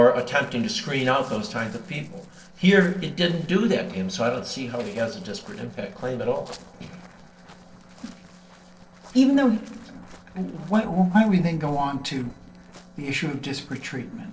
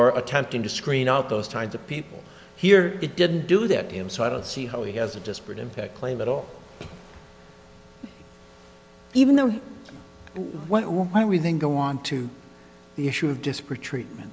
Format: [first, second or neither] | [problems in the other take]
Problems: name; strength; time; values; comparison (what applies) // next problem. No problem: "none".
second | noise reduction (neural separator model SepFormer DNS4)